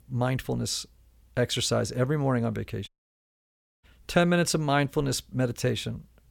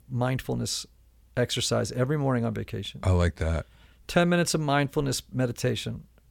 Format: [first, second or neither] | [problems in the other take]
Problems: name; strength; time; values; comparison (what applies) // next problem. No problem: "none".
second | audio cutting out; at 3 s for 1 s